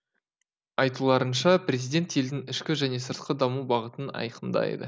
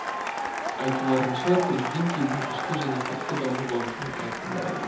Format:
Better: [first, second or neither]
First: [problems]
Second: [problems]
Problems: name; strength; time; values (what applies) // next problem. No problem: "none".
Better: first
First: none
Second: background sound (Applause / Cheering); 2 dB below the speech // room echo; dies away in 0.8 s